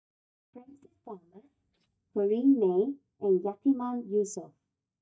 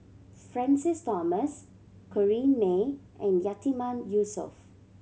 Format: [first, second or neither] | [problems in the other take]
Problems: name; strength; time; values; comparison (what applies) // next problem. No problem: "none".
second | noise reduction (neural mask model DeepFilterNet 3)